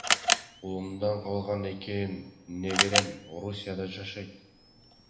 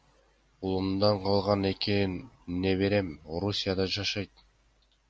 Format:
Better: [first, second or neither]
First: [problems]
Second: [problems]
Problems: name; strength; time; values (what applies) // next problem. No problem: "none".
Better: second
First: background sound (Camera); 1 dB above the speech // room echo; dies away in 0.9 s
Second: none